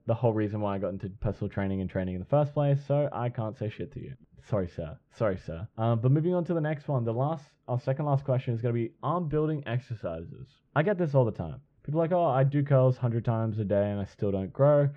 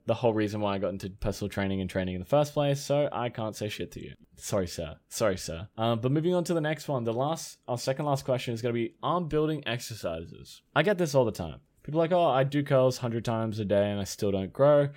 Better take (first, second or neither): second